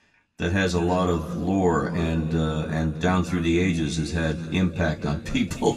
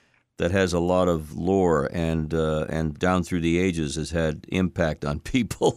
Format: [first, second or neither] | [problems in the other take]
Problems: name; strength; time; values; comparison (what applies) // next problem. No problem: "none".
second | room echo; slight; dies away in 2 s // off-mic speech; somewhat distant